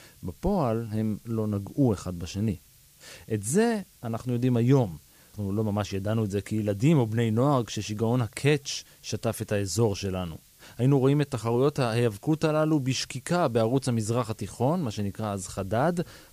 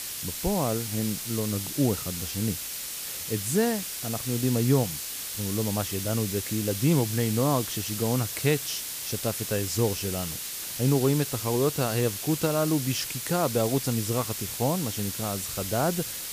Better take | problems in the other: first | hiss; loud; throughout; 4 dB below the speech; faint in the first

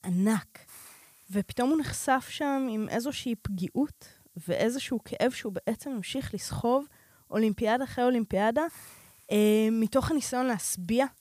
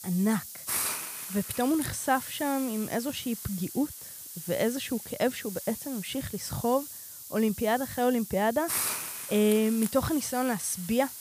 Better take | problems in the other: first | hiss; loud; throughout; 7 dB below the speech; faint in the first

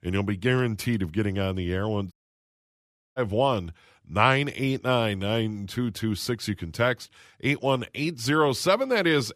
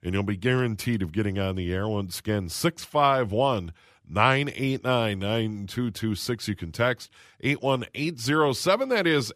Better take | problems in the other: second | audio cutting out; at 2 s for 1 s

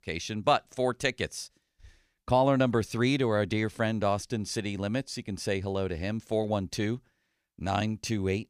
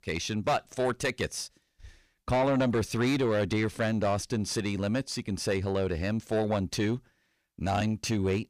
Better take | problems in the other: first | distortion; heavy; 7 dB below the speech

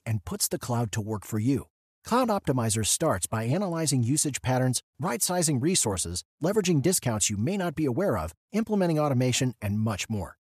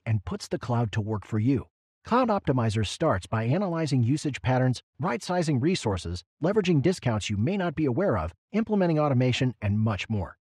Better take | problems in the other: first | muffled; slightly; fading above 3 kHz

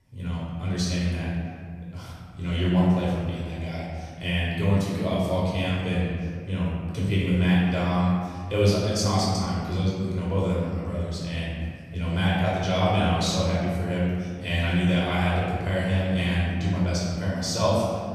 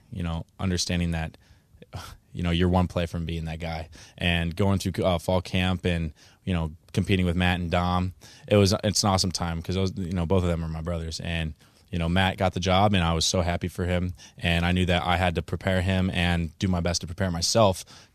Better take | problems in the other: second | off-mic speech; far // room echo; strong; dies away in 1.9 s

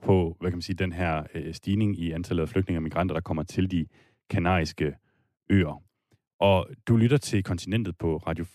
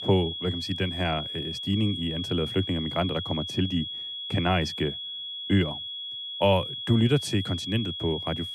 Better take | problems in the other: first | high-pitched whine; loud; throughout; 3.5 kHz, 5 dB below the speech

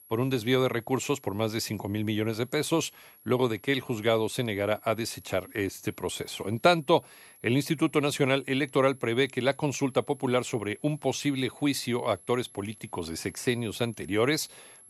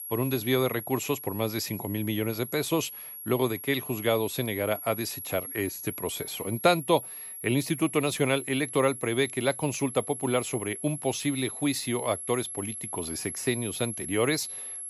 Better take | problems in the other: first | high-pitched whine; loud; throughout; 11 kHz, 8 dB below the speech; faint in the first

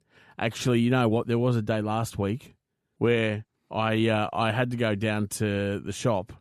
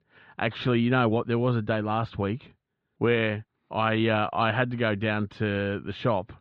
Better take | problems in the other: first | muffled; slightly; fading above 4 kHz

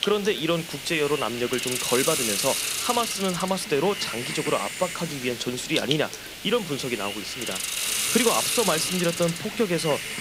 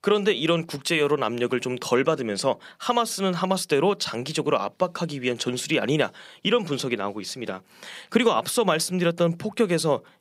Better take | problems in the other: second | hiss; loud; throughout; 2 dB below the speech

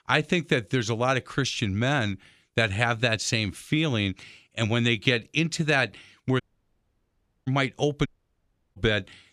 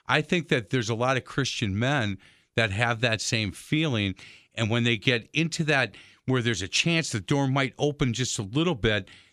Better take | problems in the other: second | audio cutting out; at 6.5 s for 1 s and at 8 s for 0.5 s

